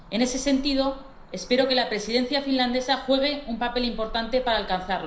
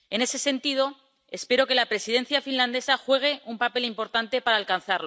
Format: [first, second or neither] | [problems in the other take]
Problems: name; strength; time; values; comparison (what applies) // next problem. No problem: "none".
second | background sound (Cricket / Motor vehicle (road)); 15 dB below the speech // room echo; dies away in 0.5 s